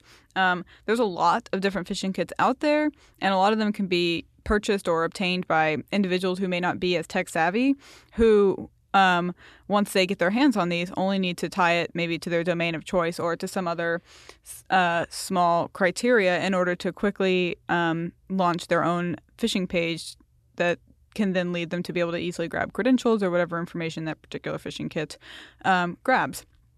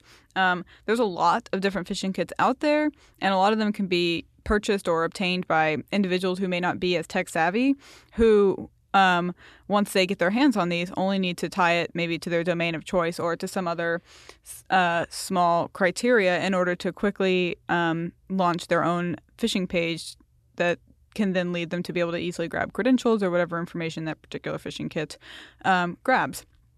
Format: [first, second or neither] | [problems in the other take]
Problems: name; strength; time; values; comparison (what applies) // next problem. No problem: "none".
neither | none